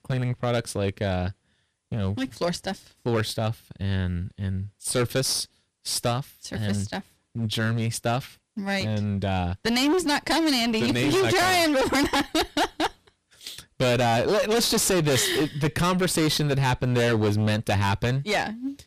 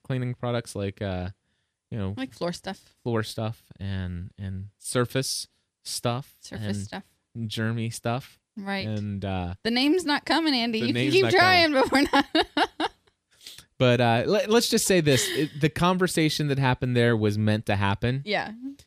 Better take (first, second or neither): second